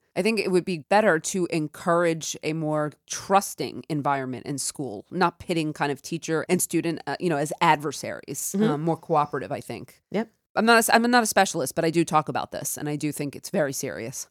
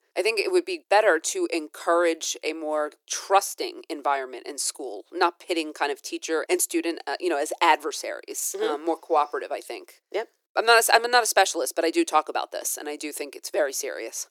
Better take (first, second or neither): first